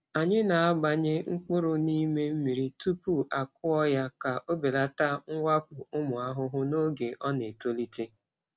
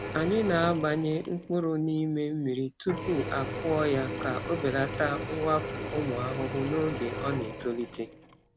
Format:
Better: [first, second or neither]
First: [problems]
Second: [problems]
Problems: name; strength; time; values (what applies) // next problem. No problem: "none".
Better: first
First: none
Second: background sound (Drill / Mechanisms); 7 dB below the speech